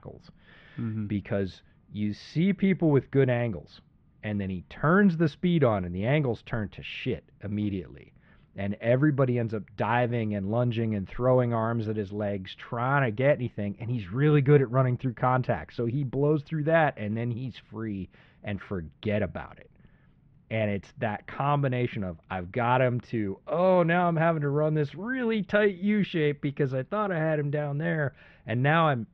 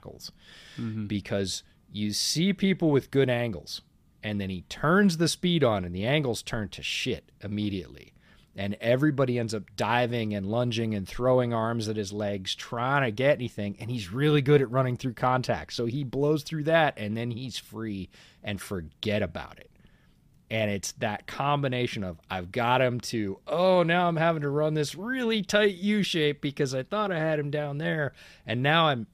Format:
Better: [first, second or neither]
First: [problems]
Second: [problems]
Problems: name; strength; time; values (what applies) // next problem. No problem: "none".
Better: second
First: muffled; very; fading above 2.5 kHz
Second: none